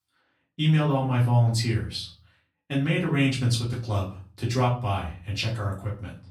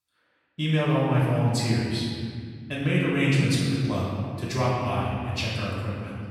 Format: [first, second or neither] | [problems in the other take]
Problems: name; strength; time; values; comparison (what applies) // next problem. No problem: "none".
first | room echo; strong; dies away in 2.2 s; slight in the first // off-mic speech; far; far in the first